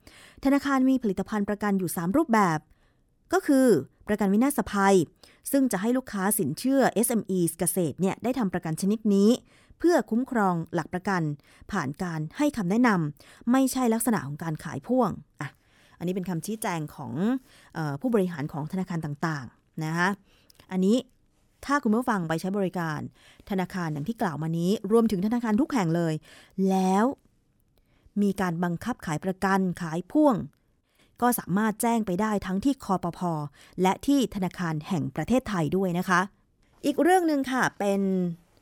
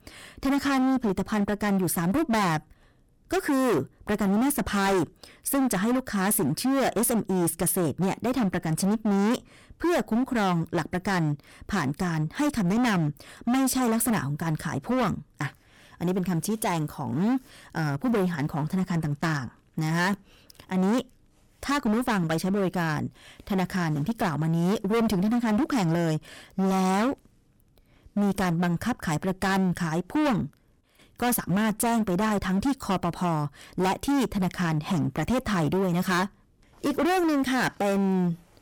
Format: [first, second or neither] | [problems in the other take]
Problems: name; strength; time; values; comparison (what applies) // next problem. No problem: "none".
first | distortion; heavy; 21% of the sound clipped